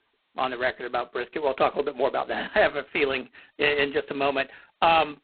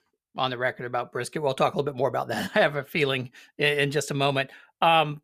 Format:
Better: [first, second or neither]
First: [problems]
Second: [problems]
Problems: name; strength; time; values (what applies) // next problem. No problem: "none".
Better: second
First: phone-call audio; poor line; nothing above 4 kHz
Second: none